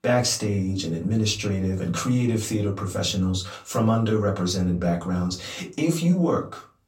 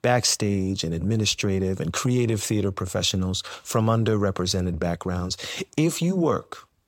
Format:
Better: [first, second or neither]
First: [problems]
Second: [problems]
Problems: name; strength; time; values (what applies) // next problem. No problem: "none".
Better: second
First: off-mic speech; far // room echo; very slight; dies away in 0.3 s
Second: none